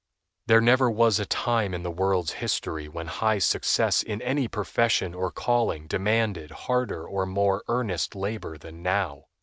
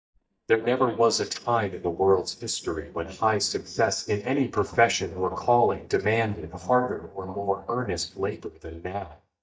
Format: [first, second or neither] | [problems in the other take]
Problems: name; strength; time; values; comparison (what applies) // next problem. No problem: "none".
first | noise reduction (neural mask model DeepFilterNet 3)